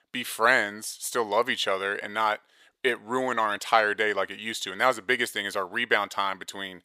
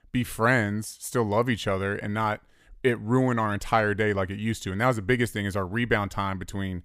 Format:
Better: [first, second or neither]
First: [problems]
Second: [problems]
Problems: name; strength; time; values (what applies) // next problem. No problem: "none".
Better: second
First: thin; very; fading below 500 Hz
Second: none